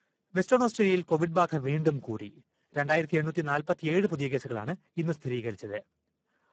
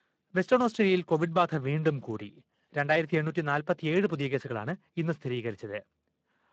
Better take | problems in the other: second | garbled, watery; badly; nothing above 7.5 kHz; slightly in the second

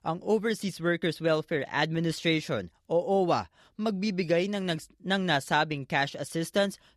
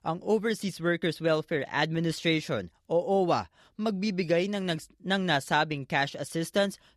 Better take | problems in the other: neither | none

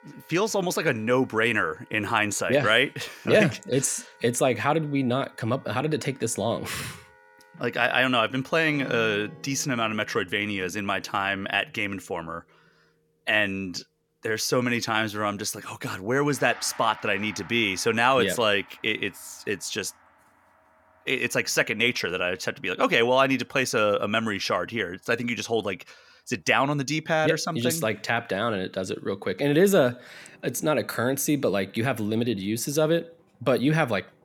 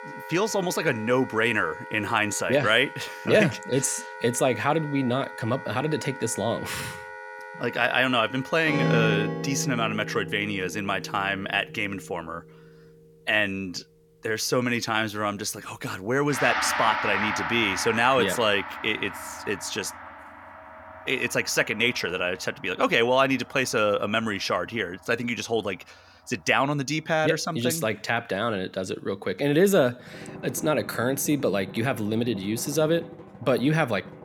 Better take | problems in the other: first | background music; loud; throughout; 9 dB below the speech; faint in the first

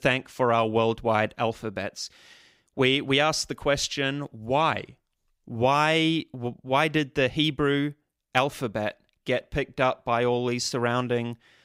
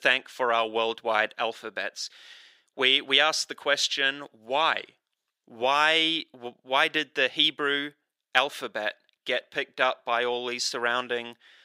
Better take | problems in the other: first | thin; somewhat; fading below 450 Hz

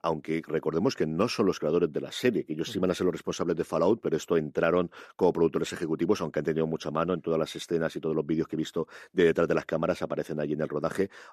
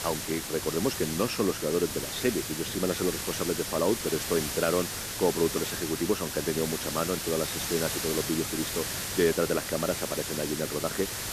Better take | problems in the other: first | hiss; loud; throughout; 2 dB below the speech

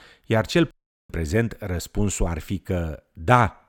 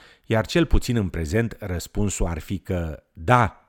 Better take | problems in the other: second | audio cutting out; at 0.5 s

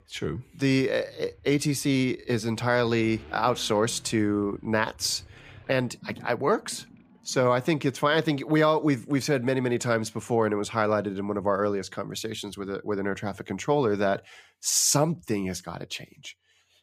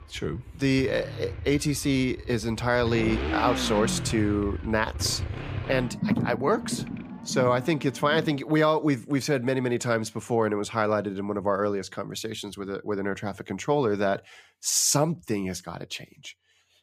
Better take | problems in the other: first | traffic noise; loud; until 8.5 s; 7 dB below the speech; faint in the first

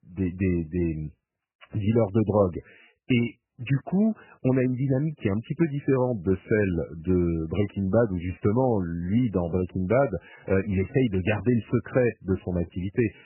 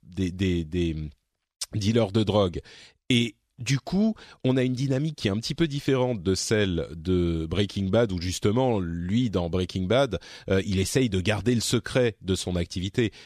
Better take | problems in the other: second | garbled, watery; badly; nothing above 3 kHz

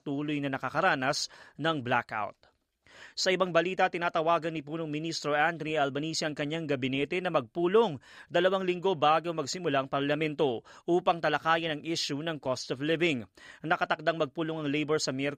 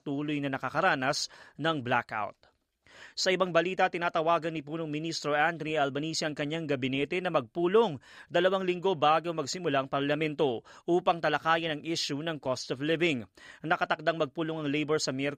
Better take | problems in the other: neither | none

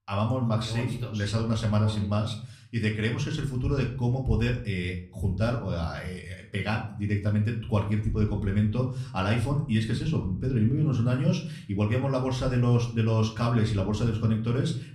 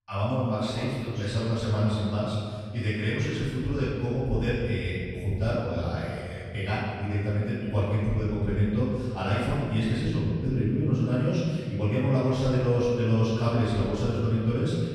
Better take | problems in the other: first | room echo; strong; dies away in 2.1 s; slight in the first // off-mic speech; far; somewhat distant in the first

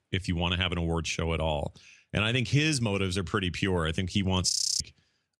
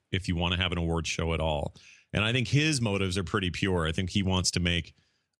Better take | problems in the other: second | audio freezing; at 4.5 s

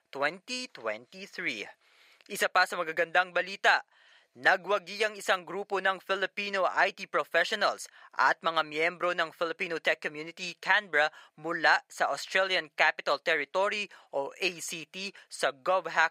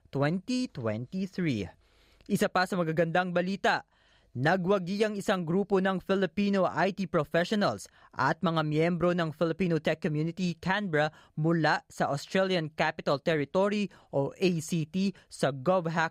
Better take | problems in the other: second | thin; very; fading below 650 Hz

